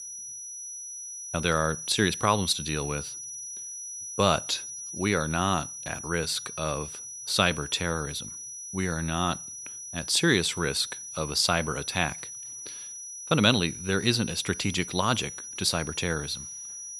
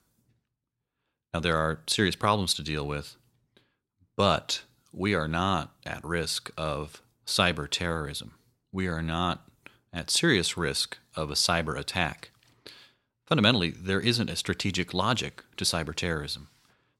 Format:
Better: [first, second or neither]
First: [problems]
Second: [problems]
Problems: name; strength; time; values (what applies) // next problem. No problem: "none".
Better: second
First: high-pitched whine; loud; throughout; 6 kHz, 9 dB below the speech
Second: none